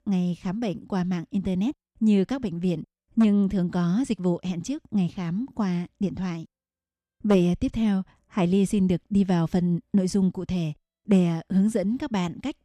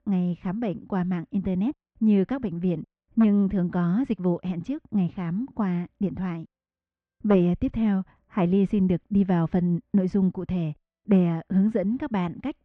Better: first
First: none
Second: muffled; very; fading above 2 kHz

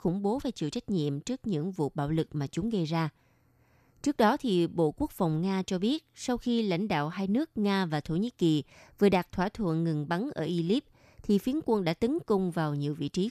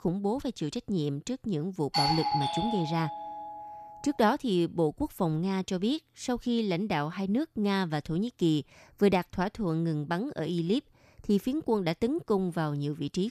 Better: first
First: none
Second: doorbell; loud; from 2 to 3.5 s; peak 3 dB above the speech

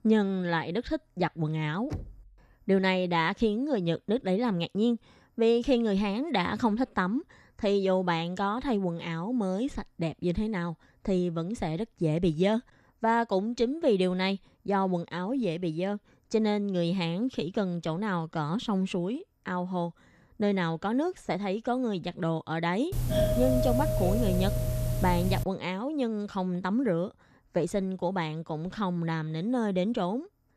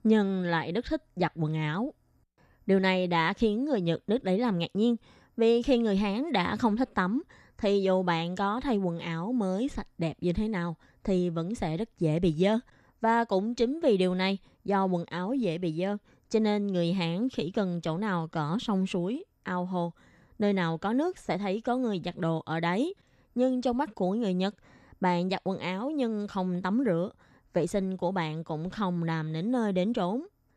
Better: second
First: door banging; faint; at 2 s; peak 10 dB below the speech // doorbell; loud; from 23 to 25 s; peak 3 dB above the speech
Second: none

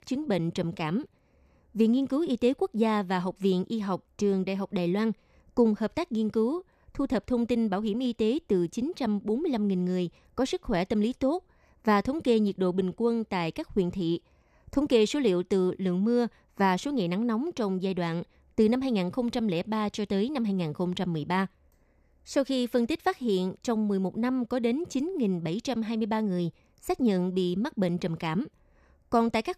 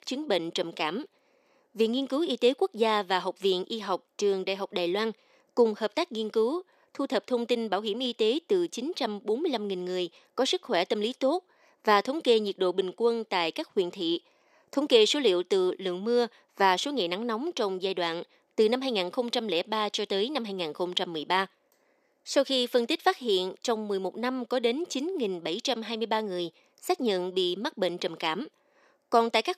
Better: first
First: none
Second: thin; somewhat; fading below 350 Hz

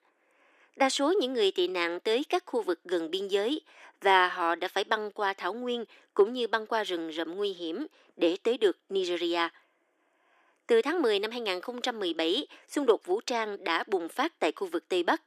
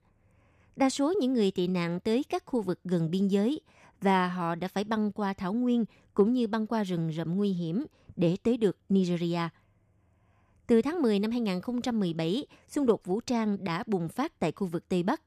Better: second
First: thin; very; fading below 300 Hz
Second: none

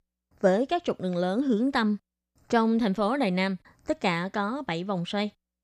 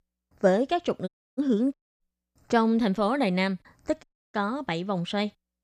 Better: first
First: none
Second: audio cutting out; at 1 s, at 1.5 s and at 4 s

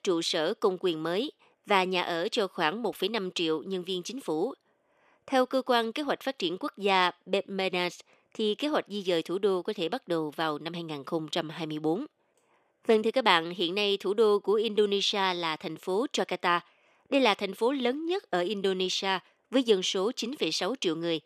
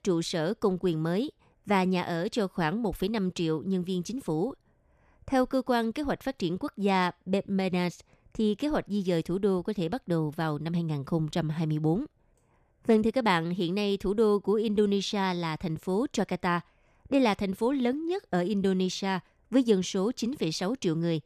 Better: second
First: thin; somewhat; fading below 350 Hz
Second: none

